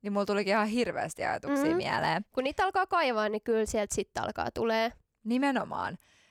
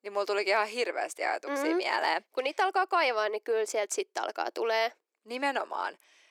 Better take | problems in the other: first | thin; somewhat; fading below 350 Hz

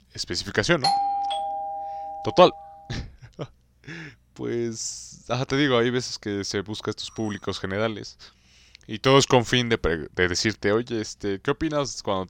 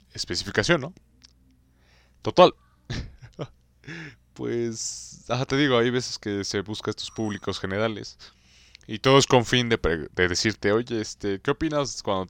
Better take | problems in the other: second | doorbell; loud; from 1 to 2.5 s; peak 1 dB above the speech

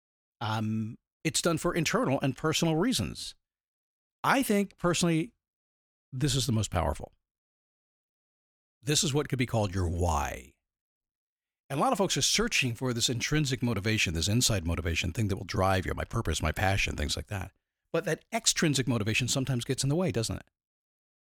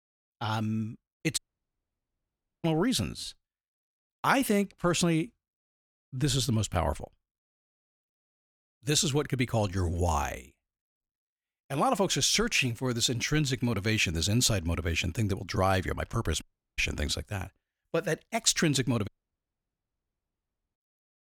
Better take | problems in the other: first | audio cutting out; at 1.5 s for 1.5 s, at 16 s and at 19 s for 1.5 s

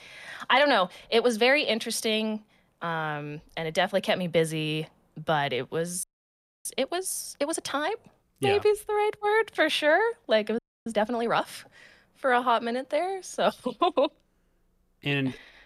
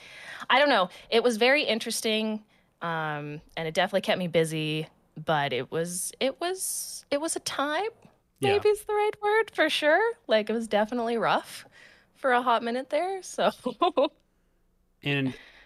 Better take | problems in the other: second | audio freezing; at 6 s for 0.5 s and at 11 s

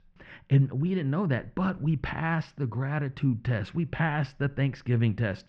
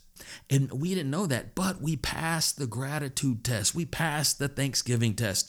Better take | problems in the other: second | muffled; very; fading above 2.5 kHz

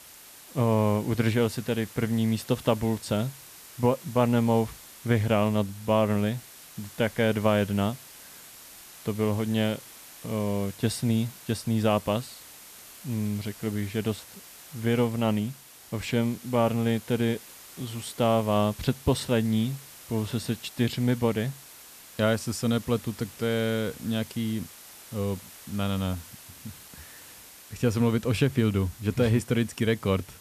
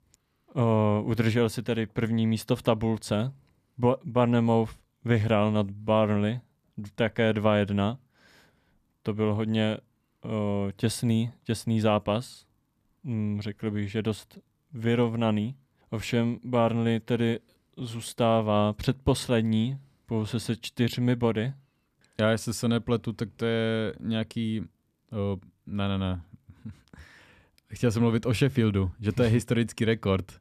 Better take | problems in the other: second | hiss; noticeable; throughout; 20 dB below the speech

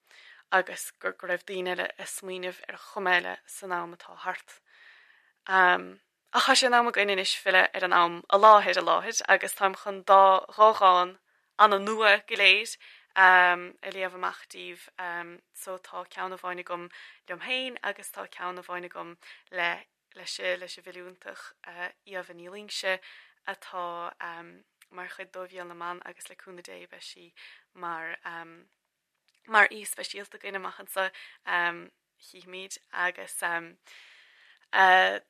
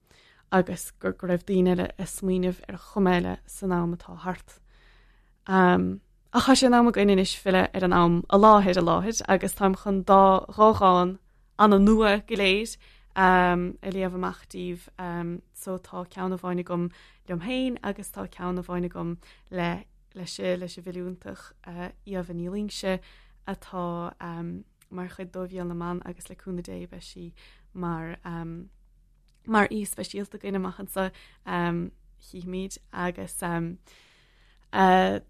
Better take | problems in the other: second | thin; very; fading below 600 Hz

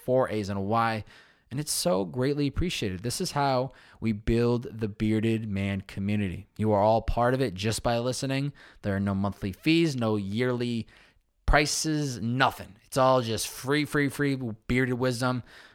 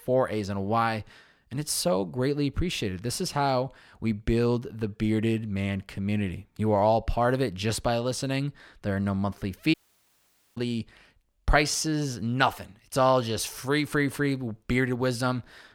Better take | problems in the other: first | audio cutting out; at 9.5 s for 1 s

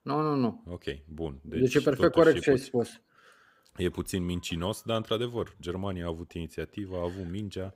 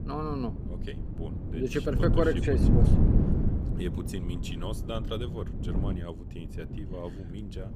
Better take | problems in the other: first | wind noise on the microphone; heavy; 4 dB below the speech

